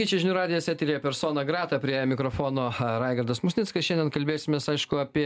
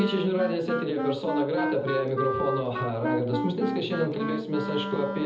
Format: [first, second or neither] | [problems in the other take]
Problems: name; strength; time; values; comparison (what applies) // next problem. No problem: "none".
first | background sound (Wind instrument, woodwind instrument); 4 dB below the speech // room echo; dies away in 0.7 s